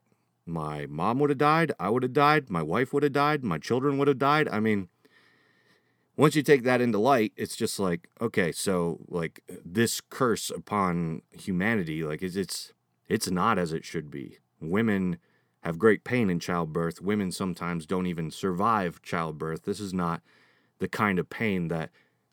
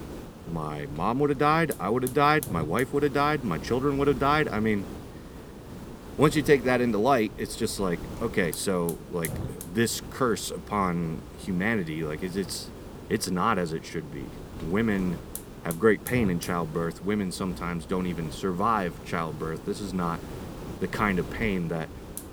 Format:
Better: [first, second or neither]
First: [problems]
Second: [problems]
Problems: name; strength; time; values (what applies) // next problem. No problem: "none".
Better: first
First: none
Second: hiss; noticeable; throughout; 15 dB below the speech